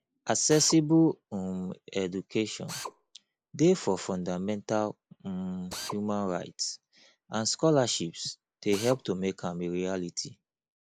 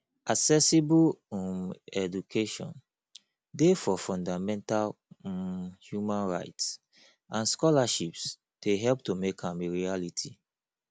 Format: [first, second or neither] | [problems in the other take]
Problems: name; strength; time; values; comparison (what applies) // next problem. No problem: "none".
second | noise reduction (neural mask model Resemble Enhance denoiser)